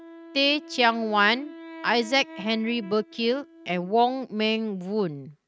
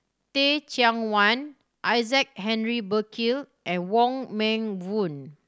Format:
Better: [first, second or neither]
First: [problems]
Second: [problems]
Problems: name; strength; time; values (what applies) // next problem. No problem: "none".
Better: second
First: noise reduction (neural mask model RNNoise)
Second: none